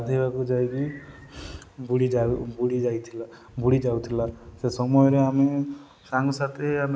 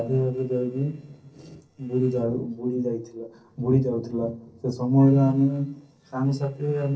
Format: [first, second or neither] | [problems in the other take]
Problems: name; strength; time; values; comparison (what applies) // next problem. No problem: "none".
first | noise reduction (neural separator model SepFormer DNS4)